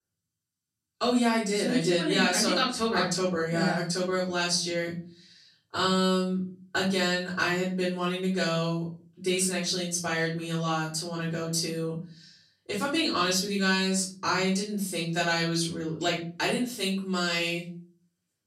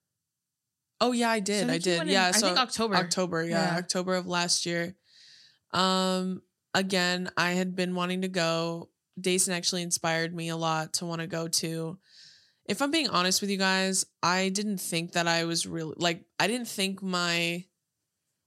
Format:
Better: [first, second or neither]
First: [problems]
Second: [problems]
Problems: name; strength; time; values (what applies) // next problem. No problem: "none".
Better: second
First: off-mic speech; far // room echo; slight; dies away in 0.4 s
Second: none